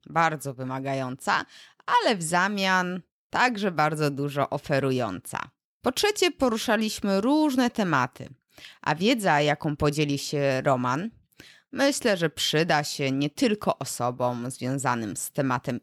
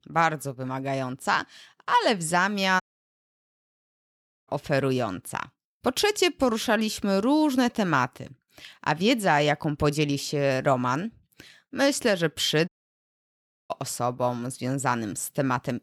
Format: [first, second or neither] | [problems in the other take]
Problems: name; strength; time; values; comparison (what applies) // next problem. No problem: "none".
first | audio cutting out; at 3 s for 1.5 s and at 13 s for 1 s